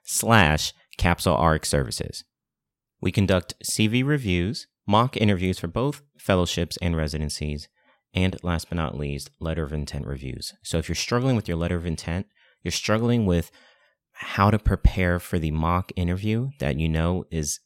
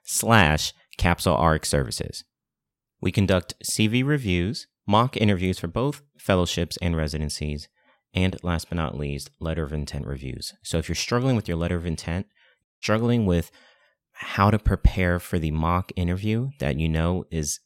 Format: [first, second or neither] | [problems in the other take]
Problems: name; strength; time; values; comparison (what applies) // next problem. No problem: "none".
first | audio cutting out; at 13 s